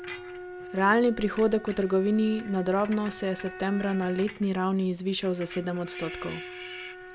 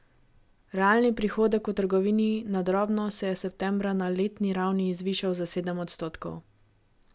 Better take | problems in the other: second | background sound (Screech + Bowed string instrument); 14 dB below the speech

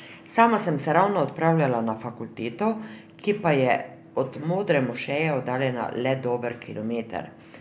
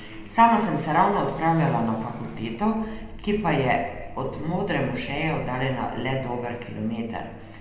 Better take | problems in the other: first | background sound (Car passing by / Accelerating, revving, vroom); 14 dB below the speech // room echo; dies away in 0.9 s

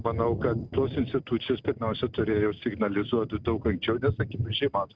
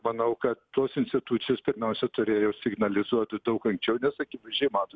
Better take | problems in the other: second | noise reduction (neural mask model RNNoise)

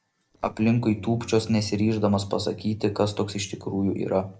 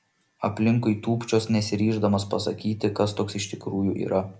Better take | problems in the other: second | noise reduction (neural separator model SepFormer DNS4)

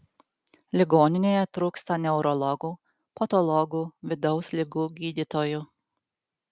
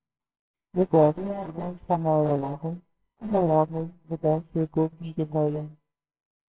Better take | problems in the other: first | noise reduction (neural separator model SepFormer WHAMR!)

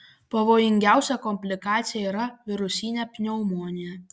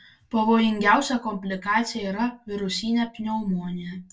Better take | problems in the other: first | room echo; dies away in 0.1 s

